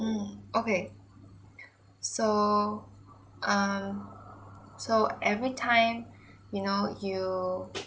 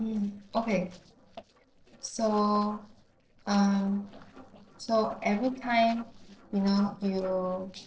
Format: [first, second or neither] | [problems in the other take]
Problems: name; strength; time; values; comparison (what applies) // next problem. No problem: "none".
first | noise reduction (neural separator model SepFormer DNS4)